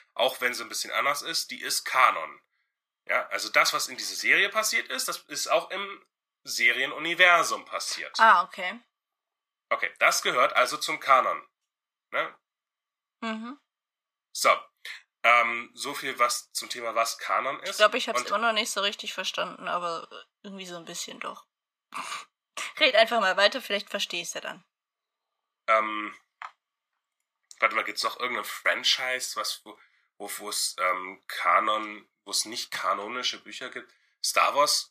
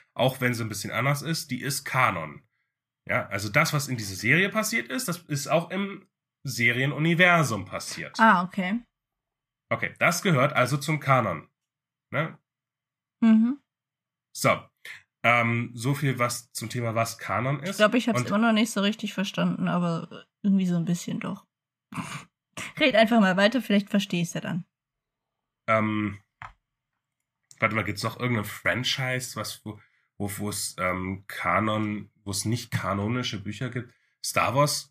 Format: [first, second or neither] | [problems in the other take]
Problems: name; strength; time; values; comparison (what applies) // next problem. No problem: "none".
second | thin; very; fading below 450 Hz